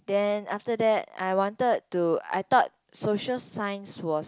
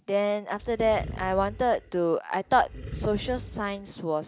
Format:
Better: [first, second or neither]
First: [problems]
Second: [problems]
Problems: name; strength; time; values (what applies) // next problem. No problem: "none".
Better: first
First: none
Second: background sound (Animal); 12 dB below the speech